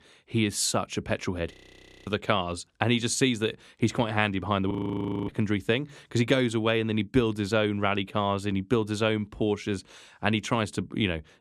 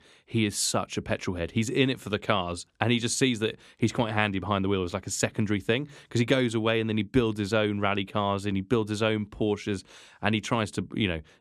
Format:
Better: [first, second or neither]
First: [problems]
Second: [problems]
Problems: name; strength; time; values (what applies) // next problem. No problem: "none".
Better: second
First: audio freezing; at 1.5 s for 0.5 s and at 4.5 s for 0.5 s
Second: none